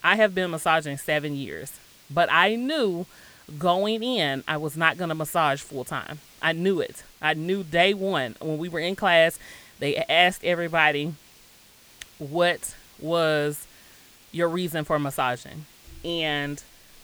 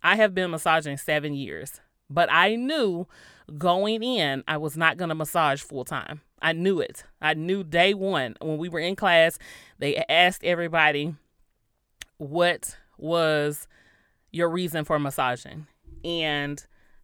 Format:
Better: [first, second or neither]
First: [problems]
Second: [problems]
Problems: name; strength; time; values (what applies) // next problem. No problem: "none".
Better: second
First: hiss; faint; throughout; 25 dB below the speech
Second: none